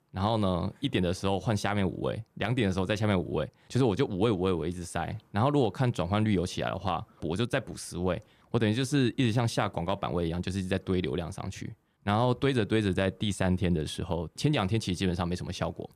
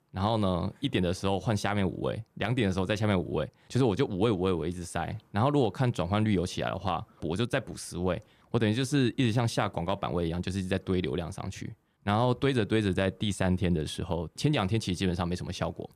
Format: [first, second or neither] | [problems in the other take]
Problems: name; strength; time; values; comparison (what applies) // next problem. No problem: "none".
neither | none